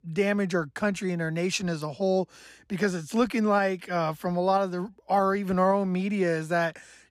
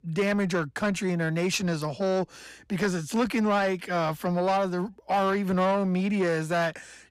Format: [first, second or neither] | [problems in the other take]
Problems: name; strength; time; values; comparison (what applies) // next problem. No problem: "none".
first | distortion; slight; 10 dB below the speech